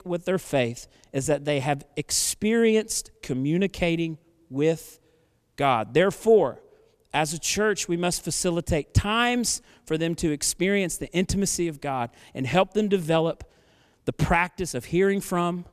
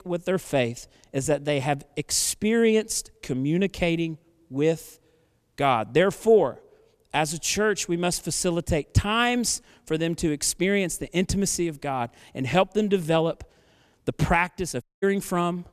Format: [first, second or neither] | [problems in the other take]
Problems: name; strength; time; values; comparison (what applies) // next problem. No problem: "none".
first | audio cutting out; at 15 s